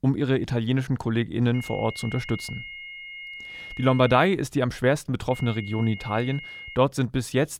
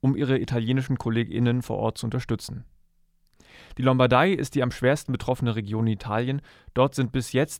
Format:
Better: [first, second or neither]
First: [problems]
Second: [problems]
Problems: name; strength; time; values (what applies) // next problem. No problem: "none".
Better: second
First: high-pitched whine; noticeable; from 1.5 to 4.5 s and from 5.5 to 7 s; 2 kHz, 15 dB below the speech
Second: none